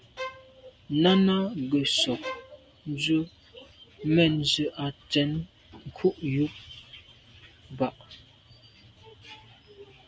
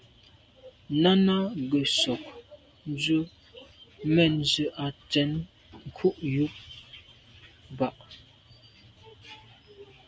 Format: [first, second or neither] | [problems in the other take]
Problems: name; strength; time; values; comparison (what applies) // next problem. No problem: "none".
second | background sound (Bowed string instrument); 12 dB below the speech